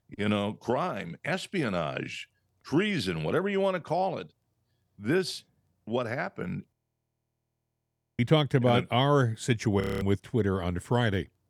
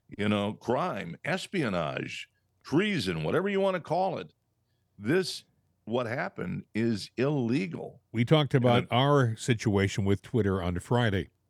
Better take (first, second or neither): second